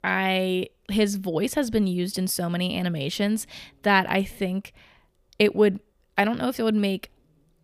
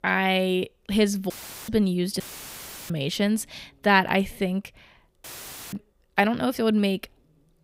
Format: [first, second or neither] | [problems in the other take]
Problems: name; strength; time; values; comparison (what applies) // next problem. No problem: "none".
first | audio cutting out; filled with static; at 1.5 s, at 2 s for 0.5 s and at 5 s